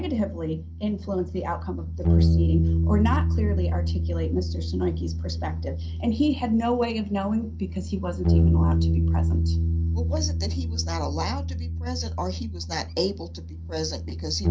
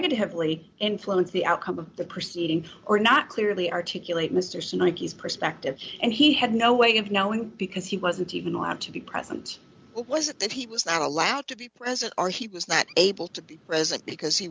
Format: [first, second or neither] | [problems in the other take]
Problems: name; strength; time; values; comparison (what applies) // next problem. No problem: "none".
second | background sound (Bass guitar); 4 dB above the speech // room echo; dies away in 0.3 s